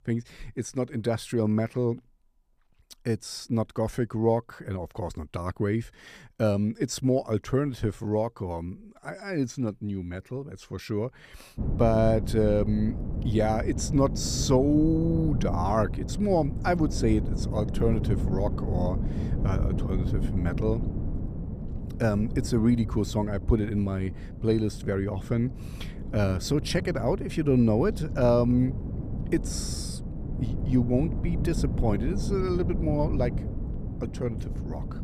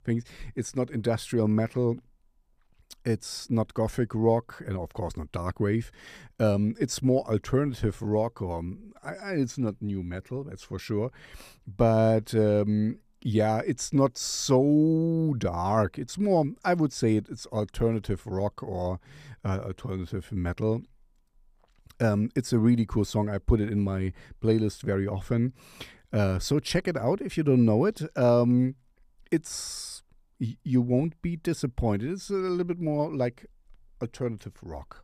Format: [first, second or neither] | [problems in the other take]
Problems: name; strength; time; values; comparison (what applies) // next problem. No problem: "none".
second | wind noise on the microphone; occasional gusts; from 12 s on; 10 dB below the speech